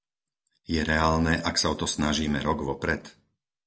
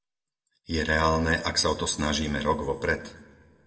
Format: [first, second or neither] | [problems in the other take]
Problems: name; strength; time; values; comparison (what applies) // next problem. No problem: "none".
first | room echo; dies away in 1.1 s